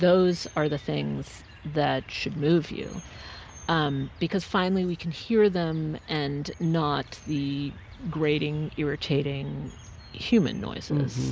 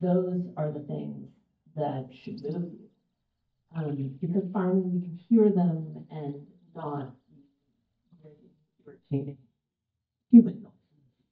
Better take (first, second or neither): first